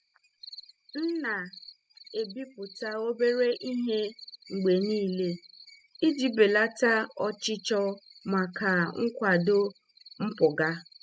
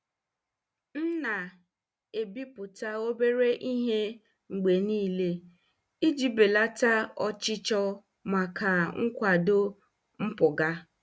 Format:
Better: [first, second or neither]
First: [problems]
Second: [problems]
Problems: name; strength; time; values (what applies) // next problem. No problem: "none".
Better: second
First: noise reduction (classical method spectral subtraction)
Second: none